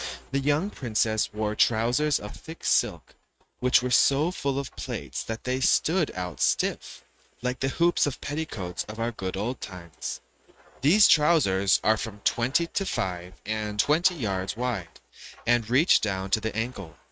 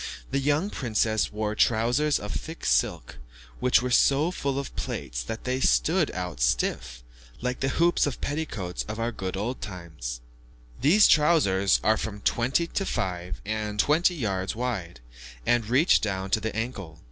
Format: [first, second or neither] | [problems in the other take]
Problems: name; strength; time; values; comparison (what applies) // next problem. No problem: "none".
second | noise reduction (neural mask model RNNoise)